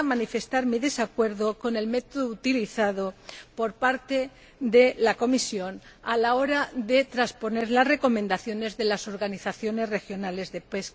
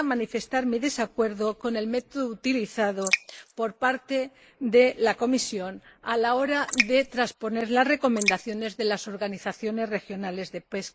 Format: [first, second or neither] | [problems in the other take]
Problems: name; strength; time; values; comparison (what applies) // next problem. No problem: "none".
first | noise reduction (neural mask model Resemble Enhance denoiser)